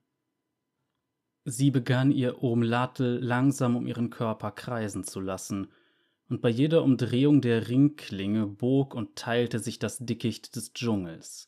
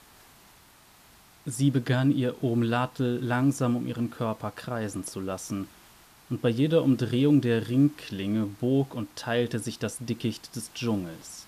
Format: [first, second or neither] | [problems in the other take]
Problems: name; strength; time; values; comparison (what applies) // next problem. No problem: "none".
first | hiss; faint; throughout; 25 dB below the speech